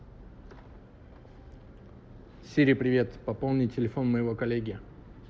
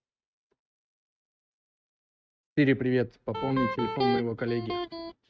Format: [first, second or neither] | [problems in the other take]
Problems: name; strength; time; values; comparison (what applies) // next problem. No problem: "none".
first | noise reduction (neural mask model RNNoise)